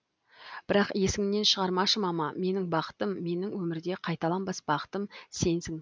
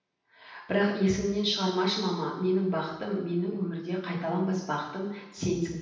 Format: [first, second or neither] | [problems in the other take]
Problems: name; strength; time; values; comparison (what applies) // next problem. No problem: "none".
first | room echo; dies away in 0.9 s